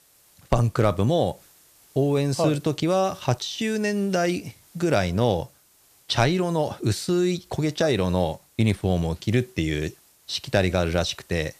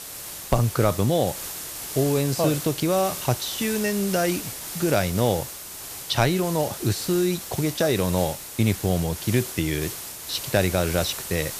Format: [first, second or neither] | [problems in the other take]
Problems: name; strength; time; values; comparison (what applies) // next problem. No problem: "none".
first | hiss; loud; throughout; 8 dB below the speech; faint in the first